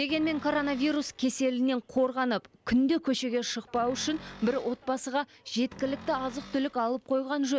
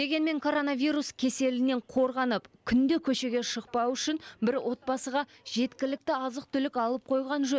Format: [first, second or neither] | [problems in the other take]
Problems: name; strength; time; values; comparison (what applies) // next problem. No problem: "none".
second | background sound (Cupboard open or close); 18 dB below the speech